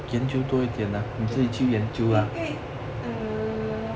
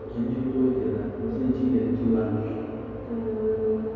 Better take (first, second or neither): first